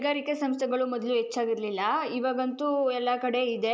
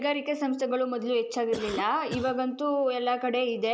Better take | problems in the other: first | background sound (Cough); 11 dB below the speech

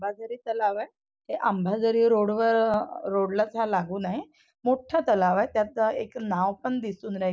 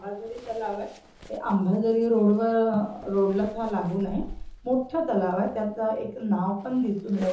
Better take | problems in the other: first | background sound (Zipper (clothing)); 19 dB below the speech // room echo; dies away in 0.6 s

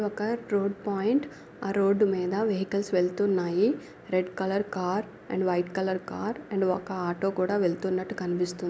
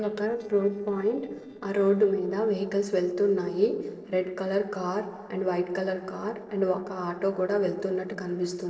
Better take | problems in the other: first | noise reduction (neural separator model SepFormer DNS4)

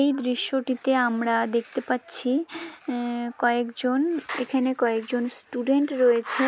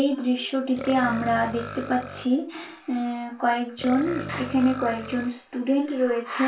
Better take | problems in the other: first | background sound (Burping, eructation); 14 dB below the speech // room echo; dies away in 0.2 s

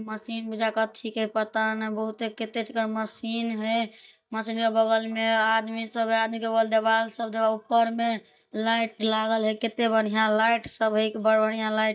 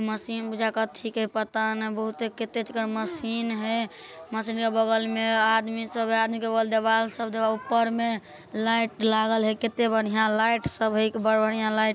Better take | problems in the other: second | noise reduction (neural mask model DeepFilterNet 3)

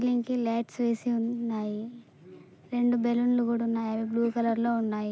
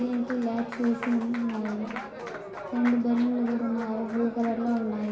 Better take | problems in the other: first | background sound (Applause); 11 dB below the speech // room echo; dies away in 0.9 s

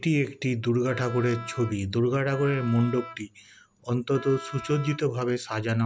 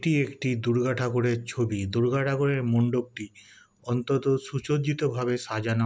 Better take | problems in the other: second | background sound (Wind instrument, woodwind instrument); 15 dB below the speech

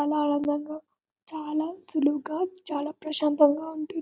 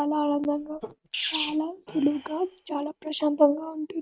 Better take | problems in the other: first | noise reduction (neural mask model RNNoise)

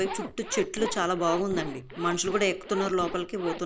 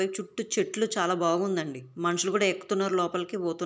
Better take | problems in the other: second | background sound (Zipper (clothing)); 9 dB below the speech

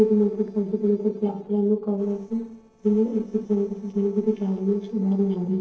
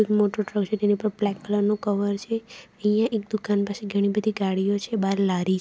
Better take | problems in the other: second | noise reduction (neural separator model SepFormer DNS4)

